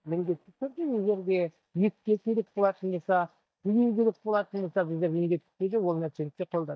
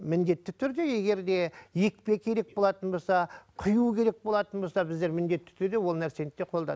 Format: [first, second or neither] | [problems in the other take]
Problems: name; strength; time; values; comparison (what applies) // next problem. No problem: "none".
second | noise reduction (neural mask model DeepFilterNet 3)